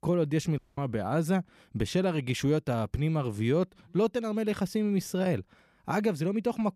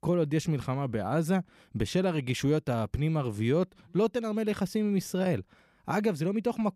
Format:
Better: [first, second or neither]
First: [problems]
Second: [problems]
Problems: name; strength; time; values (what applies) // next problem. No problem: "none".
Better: second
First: audio cutting out; at 0.5 s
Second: none